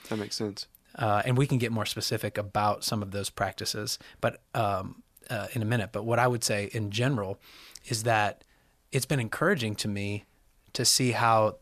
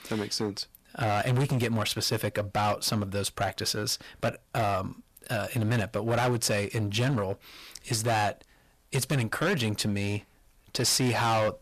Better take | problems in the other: first | distortion; heavy; 11% of the sound clipped

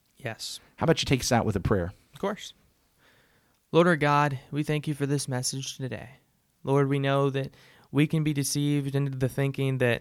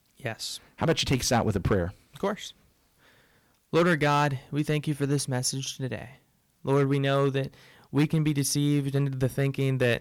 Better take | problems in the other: first | distortion; slight; 3% of the sound clipped

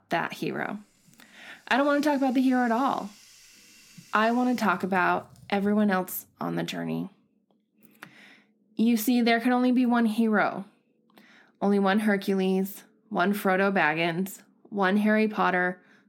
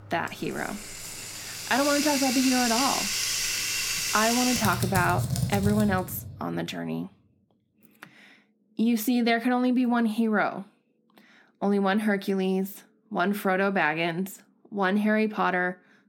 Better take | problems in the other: first | household noises; loud; until 6 s; 1 dB below the speech; faint in the first

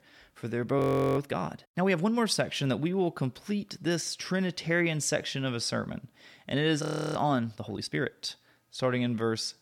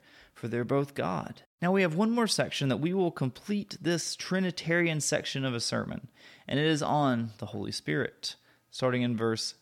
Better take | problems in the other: second | audio freezing; at 1 s and at 7 s

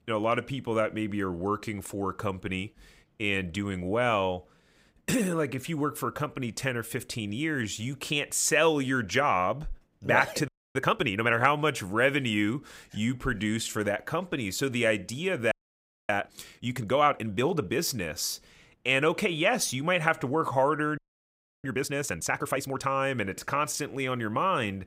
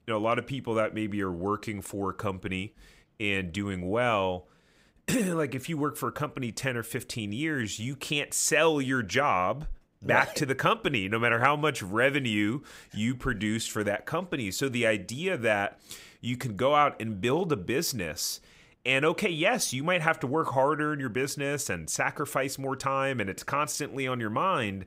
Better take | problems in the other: second | audio freezing; at 10 s, at 16 s for 0.5 s and at 21 s for 0.5 s

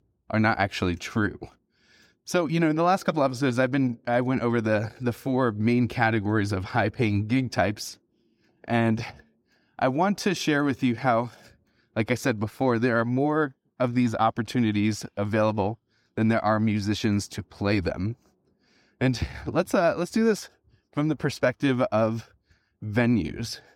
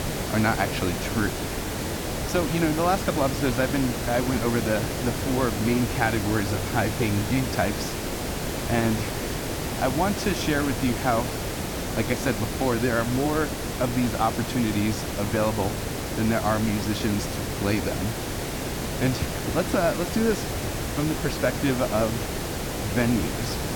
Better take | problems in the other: first | hiss; loud; throughout; 3 dB below the speech

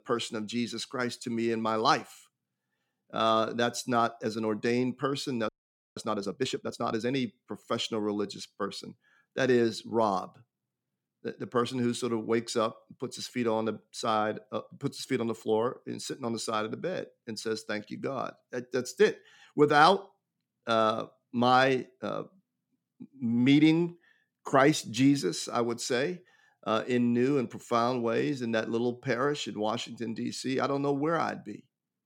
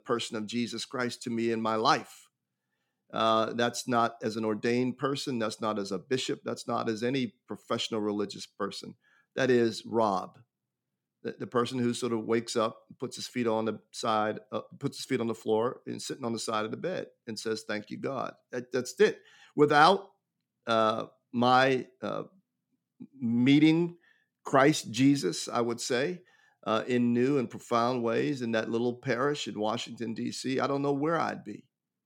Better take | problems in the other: second | audio freezing; at 5.5 s

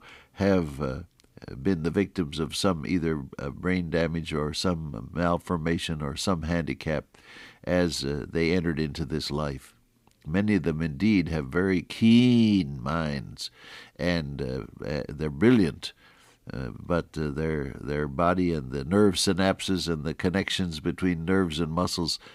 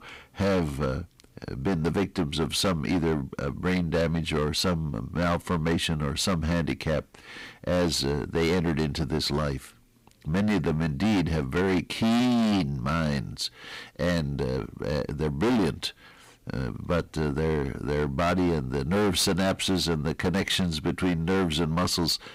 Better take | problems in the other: first | distortion; heavy; 15% of the sound clipped

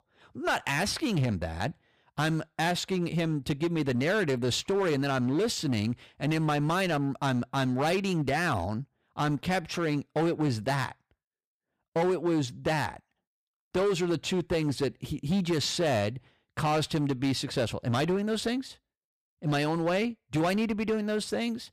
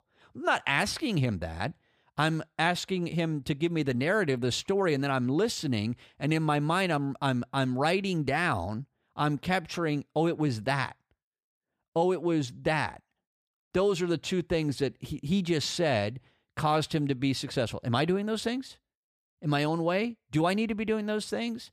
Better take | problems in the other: second | distortion; slight; 10% of the sound clipped

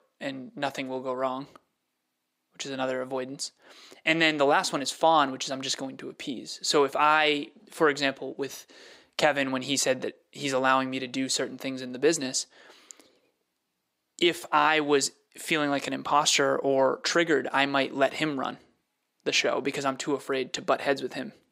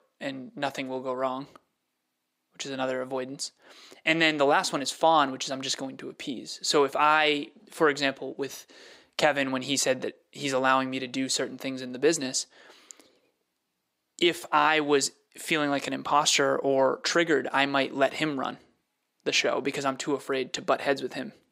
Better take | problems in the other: neither | thin; very slightly; fading below 350 Hz; the same in both

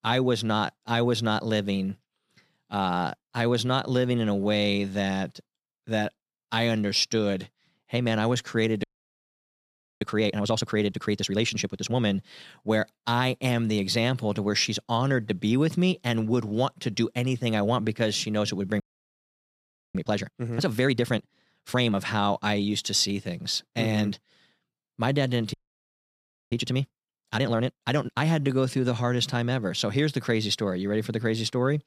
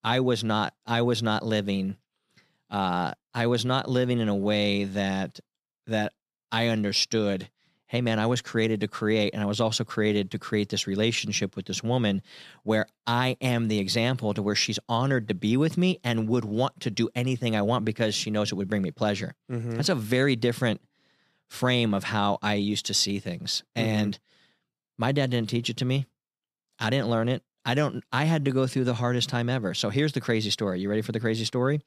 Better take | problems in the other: second | audio freezing; at 9 s for 1 s, at 19 s for 1 s and at 26 s for 1 s

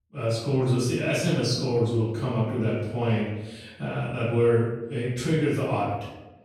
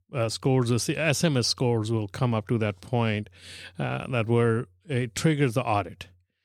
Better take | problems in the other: second | off-mic speech; far // room echo; noticeable; dies away in 0.9 s

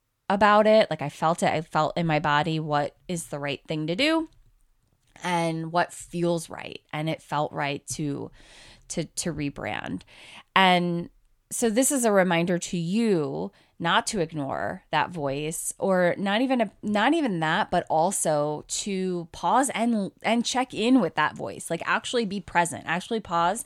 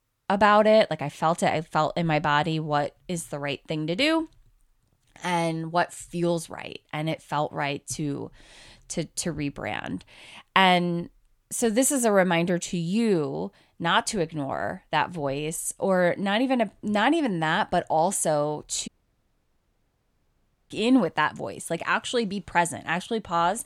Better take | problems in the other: first | audio cutting out; at 19 s for 2 s

